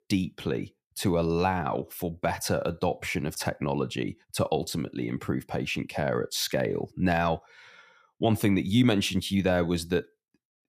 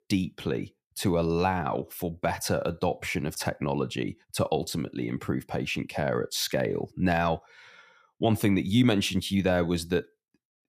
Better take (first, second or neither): neither